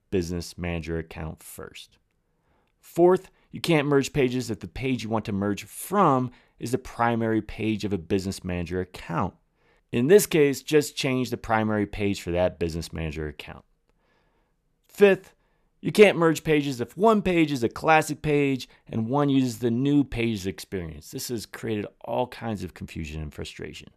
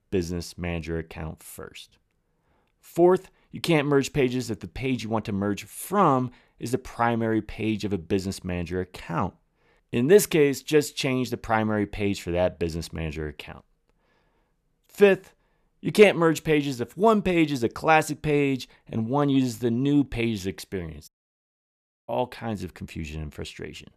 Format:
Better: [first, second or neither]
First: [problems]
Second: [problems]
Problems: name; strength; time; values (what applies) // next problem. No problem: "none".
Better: first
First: none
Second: audio cutting out; at 21 s for 1 s